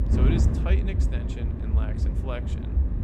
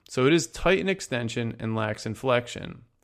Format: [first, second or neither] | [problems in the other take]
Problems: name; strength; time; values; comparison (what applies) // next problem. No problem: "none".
second | wind noise on the microphone; heavy; as loud as the speech